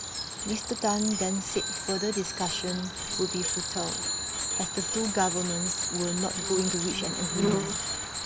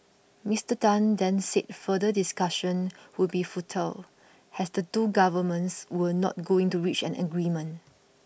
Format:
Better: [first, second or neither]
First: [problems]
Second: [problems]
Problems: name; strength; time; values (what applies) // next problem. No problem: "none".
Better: second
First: background sound (Cricket + Bicycle bell); 1 dB above the speech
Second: none